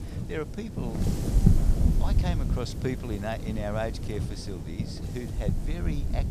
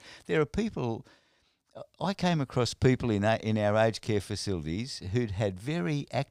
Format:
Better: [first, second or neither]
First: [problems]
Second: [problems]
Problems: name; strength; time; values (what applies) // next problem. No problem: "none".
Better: second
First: wind noise on the microphone; heavy; 4 dB below the speech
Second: none